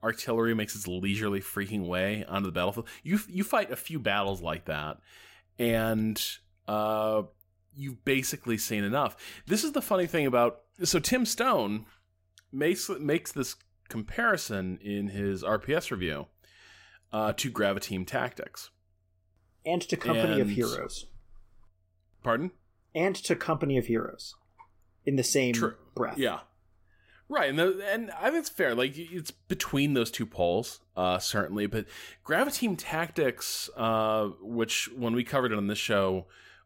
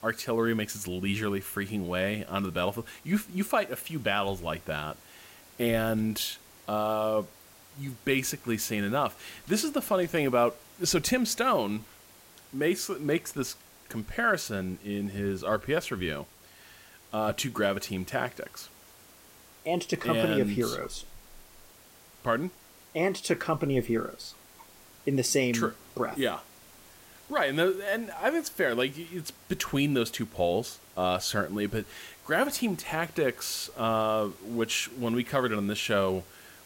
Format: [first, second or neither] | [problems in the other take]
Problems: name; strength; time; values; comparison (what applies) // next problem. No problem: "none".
first | hiss; faint; throughout; 20 dB below the speech